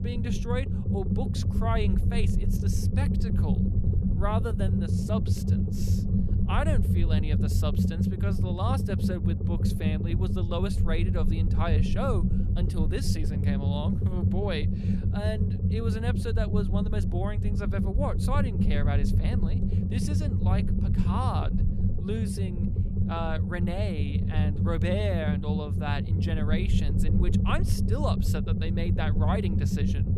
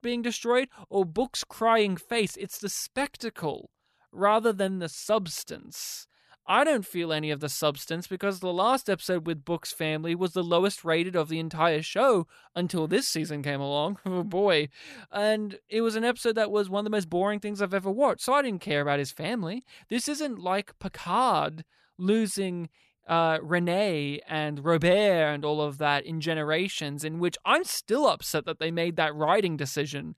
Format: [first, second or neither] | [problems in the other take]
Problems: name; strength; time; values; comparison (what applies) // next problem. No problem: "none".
second | low rumble; loud; throughout; 3 dB below the speech